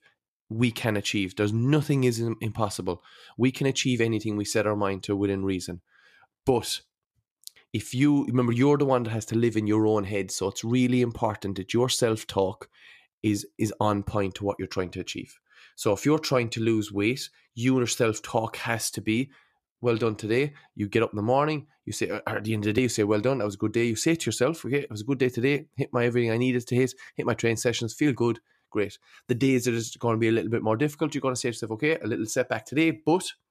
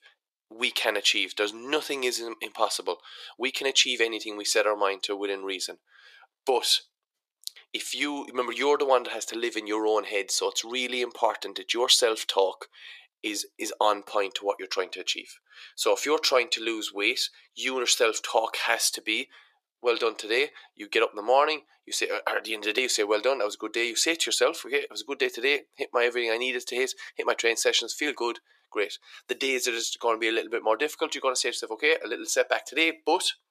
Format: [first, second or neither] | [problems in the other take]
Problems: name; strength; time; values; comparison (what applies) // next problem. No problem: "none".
first | thin; very; fading below 450 Hz